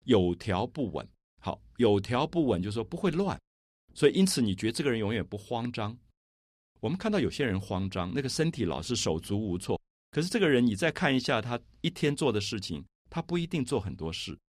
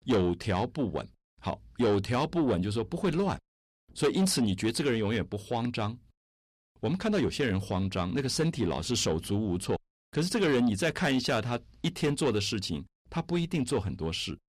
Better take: first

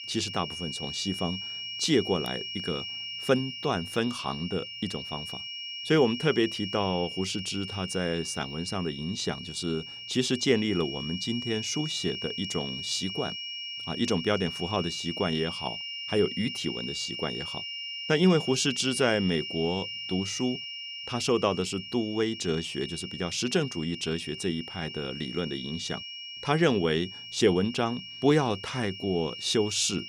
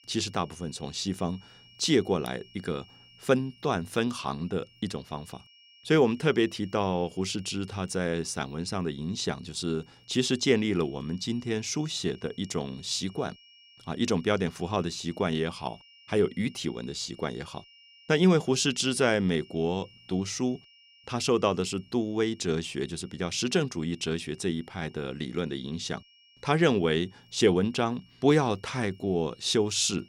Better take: second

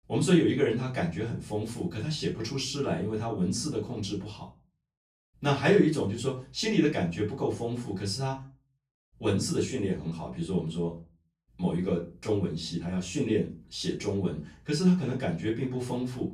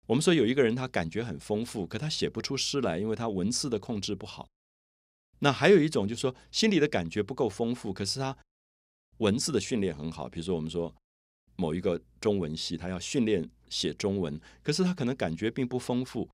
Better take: second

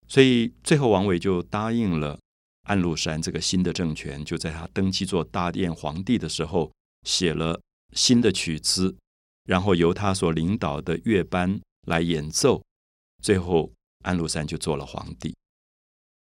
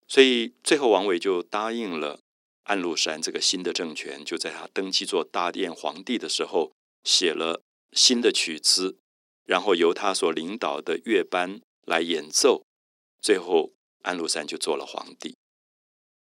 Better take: first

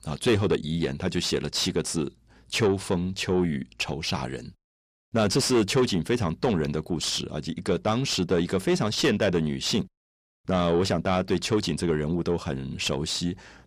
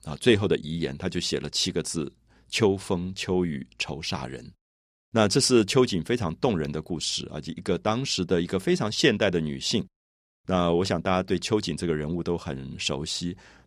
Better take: second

